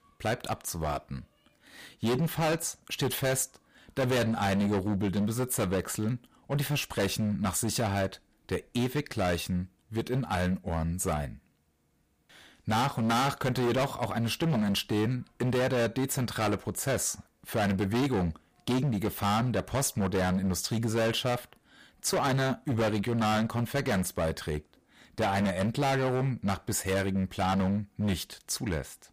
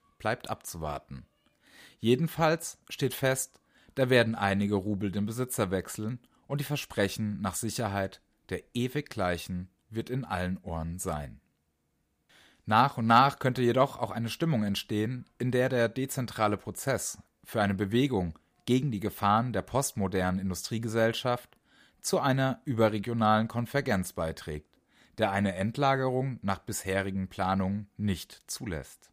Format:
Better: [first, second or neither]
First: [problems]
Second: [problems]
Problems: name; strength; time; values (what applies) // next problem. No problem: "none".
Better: second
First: distortion; heavy; 17% of the sound clipped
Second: none